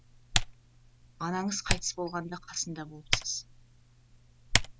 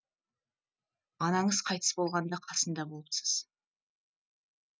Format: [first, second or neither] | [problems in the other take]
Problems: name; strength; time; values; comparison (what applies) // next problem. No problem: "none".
second | background sound (Typing); 4 dB above the speech